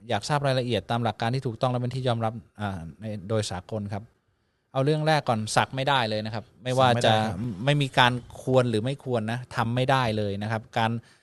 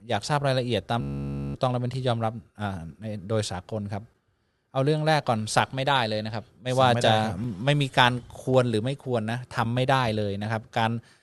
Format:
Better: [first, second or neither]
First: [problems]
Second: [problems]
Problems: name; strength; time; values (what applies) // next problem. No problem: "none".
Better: first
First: none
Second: audio freezing; at 1 s for 0.5 s